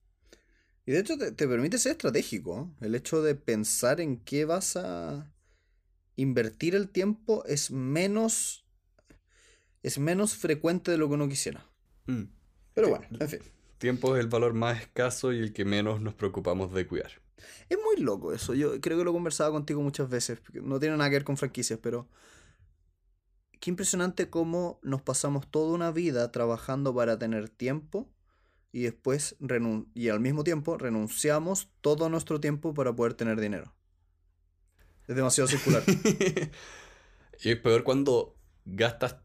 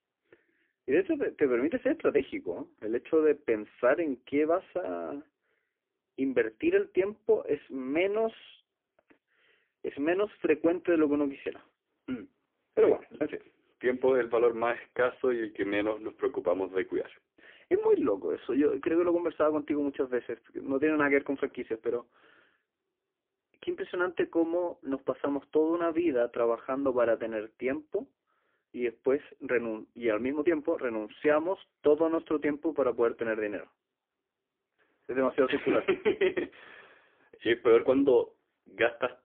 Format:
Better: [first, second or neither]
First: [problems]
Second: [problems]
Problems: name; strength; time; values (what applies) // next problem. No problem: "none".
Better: first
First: none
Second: phone-call audio; poor line; nothing above 3.5 kHz